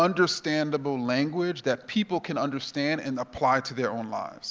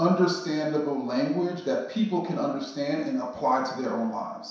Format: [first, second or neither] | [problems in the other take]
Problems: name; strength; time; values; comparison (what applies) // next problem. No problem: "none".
first | room echo; dies away in 0.7 s